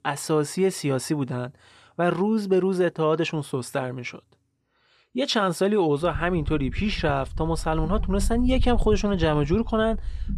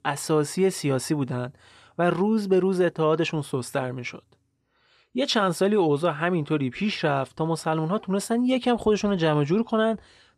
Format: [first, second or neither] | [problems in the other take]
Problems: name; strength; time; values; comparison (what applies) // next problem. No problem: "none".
second | low rumble; faint; from 6 s on; 25 dB below the speech